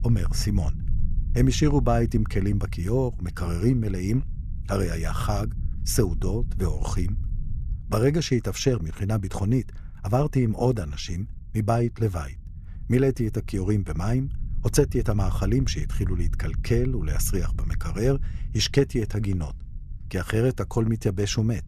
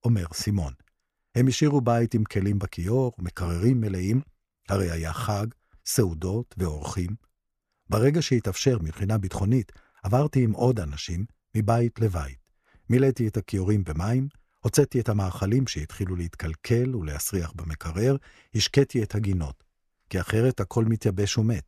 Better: second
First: low rumble; faint; throughout; 20 dB below the speech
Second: none

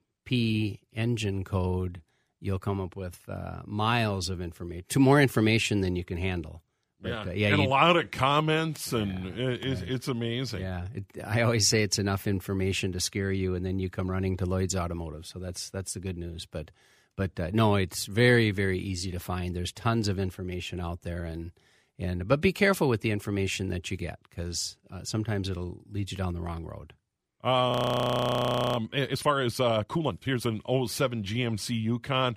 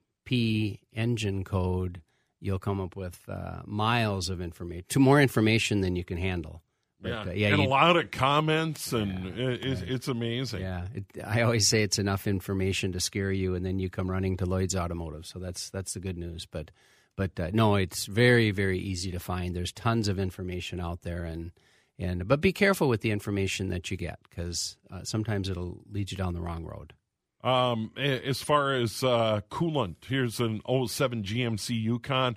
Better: second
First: audio freezing; at 28 s for 1 s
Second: none

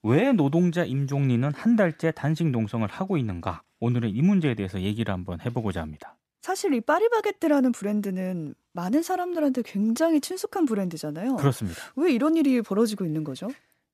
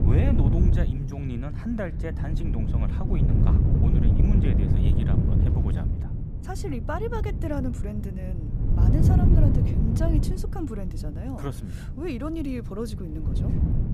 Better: first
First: none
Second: wind noise on the microphone; heavy; as loud as the speech

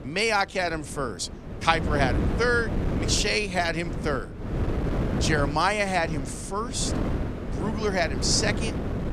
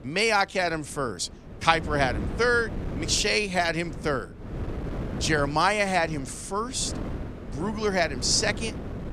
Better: second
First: wind noise on the microphone; heavy; 10 dB below the speech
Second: wind noise on the microphone; occasional gusts; 15 dB below the speech

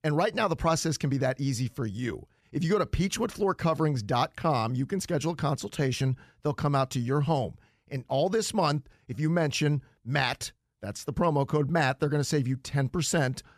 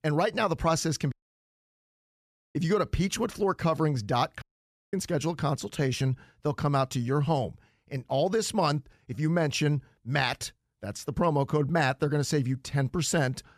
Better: first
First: none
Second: audio cutting out; at 1 s for 1.5 s and at 4.5 s for 0.5 s

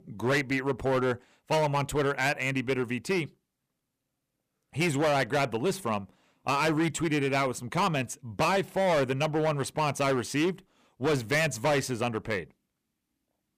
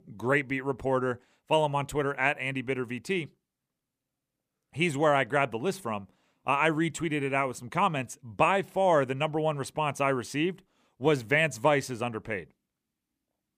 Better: second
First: distortion; heavy; 11% of the sound clipped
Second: none

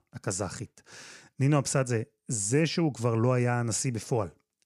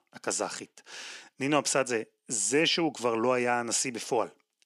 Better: first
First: none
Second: thin; somewhat; fading below 250 Hz

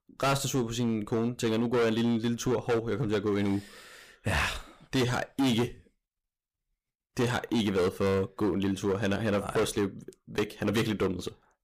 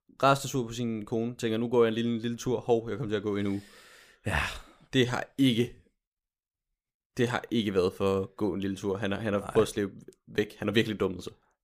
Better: second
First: distortion; heavy; 12% of the sound clipped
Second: none

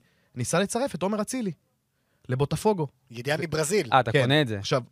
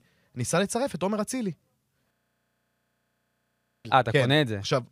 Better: first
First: none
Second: audio freezing; at 2 s for 1.5 s

